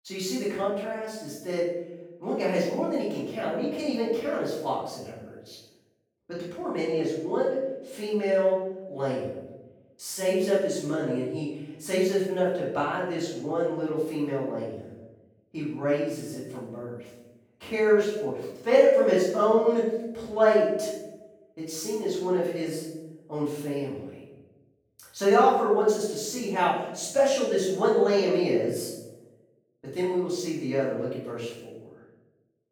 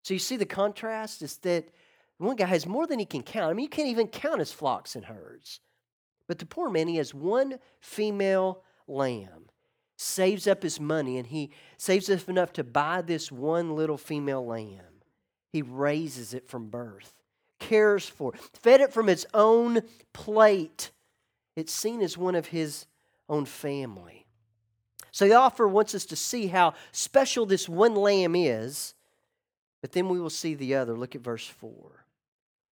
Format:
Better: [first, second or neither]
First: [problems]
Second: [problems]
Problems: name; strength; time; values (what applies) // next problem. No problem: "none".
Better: second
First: off-mic speech; far // room echo; noticeable; dies away in 0.9 s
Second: none